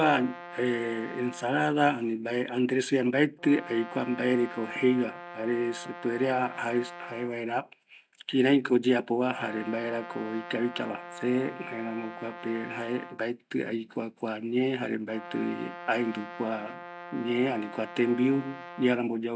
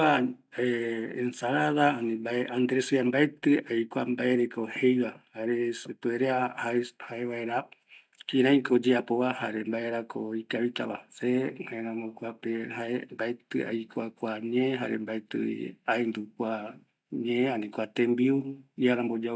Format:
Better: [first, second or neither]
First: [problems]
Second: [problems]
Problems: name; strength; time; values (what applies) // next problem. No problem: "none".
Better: second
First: background sound (Brass instrument); 15 dB below the speech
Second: none